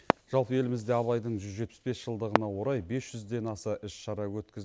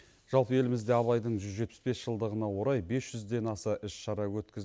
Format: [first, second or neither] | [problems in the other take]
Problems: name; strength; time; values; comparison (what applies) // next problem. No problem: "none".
second | background sound (Fireworks); 6 dB below the speech